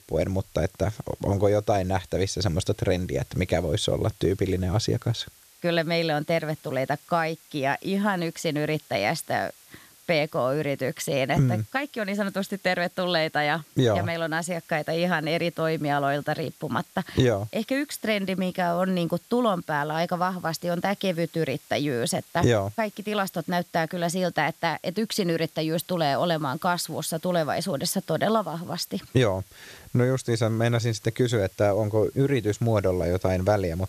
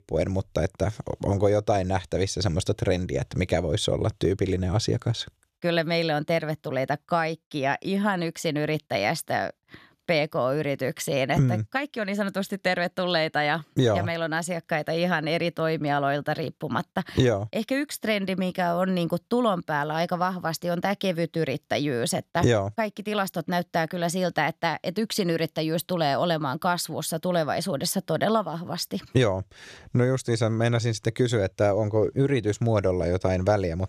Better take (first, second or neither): second